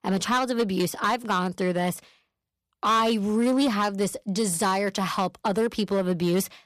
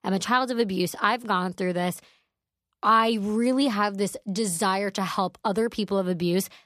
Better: second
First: distortion; slight; 7% of the sound clipped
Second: none

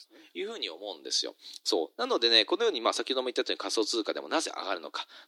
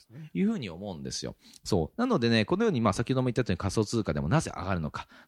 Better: second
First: thin; very; fading below 300 Hz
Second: none

